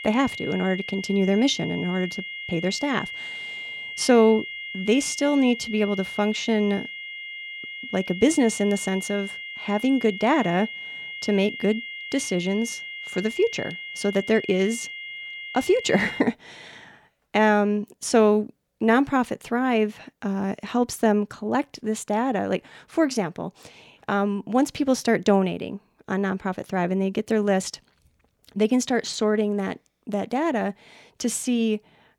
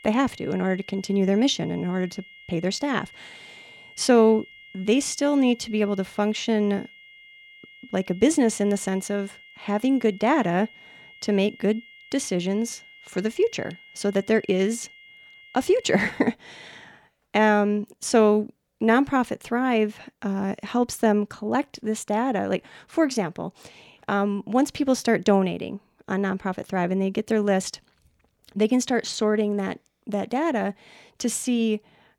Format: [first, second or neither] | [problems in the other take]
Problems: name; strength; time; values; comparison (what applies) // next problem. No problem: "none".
second | high-pitched whine; loud; until 16 s; 2 kHz, 9 dB below the speech; faint in the second